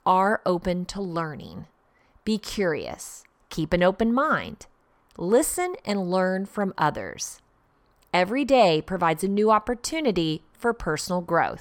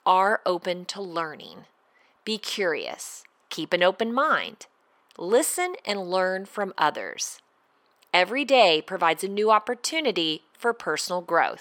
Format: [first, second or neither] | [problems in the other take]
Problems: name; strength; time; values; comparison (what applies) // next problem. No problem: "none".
first | thin; somewhat; fading below 350 Hz